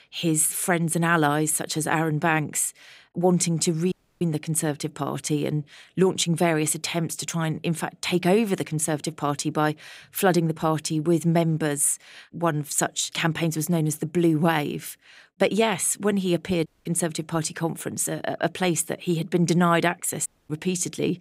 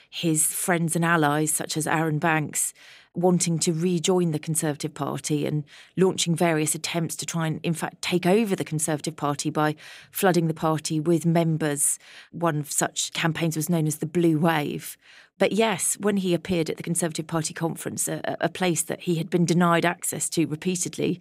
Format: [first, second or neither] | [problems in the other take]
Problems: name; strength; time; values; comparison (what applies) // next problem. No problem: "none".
second | audio cutting out; at 4 s, at 17 s and at 20 s